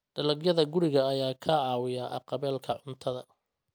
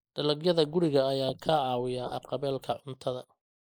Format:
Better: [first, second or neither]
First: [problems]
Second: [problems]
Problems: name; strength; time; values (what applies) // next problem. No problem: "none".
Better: first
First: none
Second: noise reduction (neural mask model Resemble Enhance denoiser)